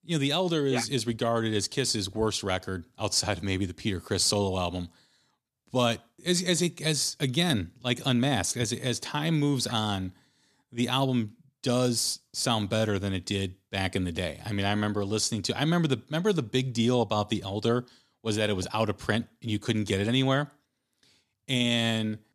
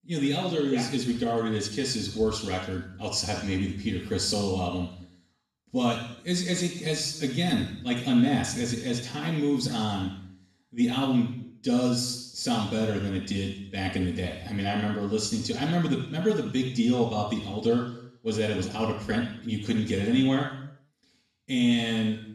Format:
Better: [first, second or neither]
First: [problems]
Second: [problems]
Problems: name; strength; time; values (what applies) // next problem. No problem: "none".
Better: first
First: none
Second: room echo; noticeable; dies away in 0.7 s // off-mic speech; far